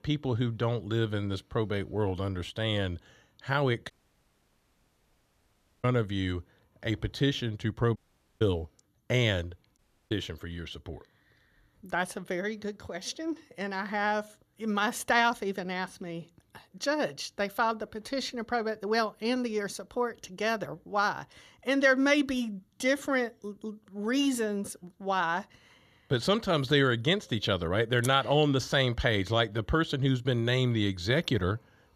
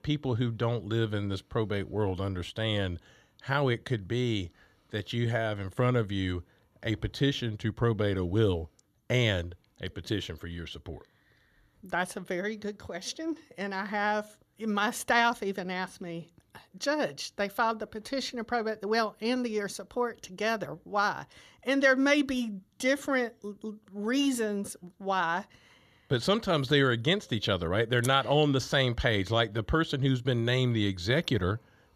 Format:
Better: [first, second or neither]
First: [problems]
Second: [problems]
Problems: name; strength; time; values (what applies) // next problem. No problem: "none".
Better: second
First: audio cutting out; at 4 s for 2 s, at 8 s and at 10 s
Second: none